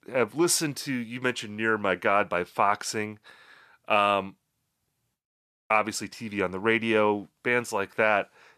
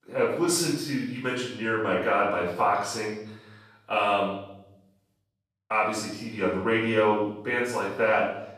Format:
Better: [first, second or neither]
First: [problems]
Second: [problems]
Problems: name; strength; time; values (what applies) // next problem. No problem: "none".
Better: first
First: none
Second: off-mic speech; far // room echo; noticeable; dies away in 0.8 s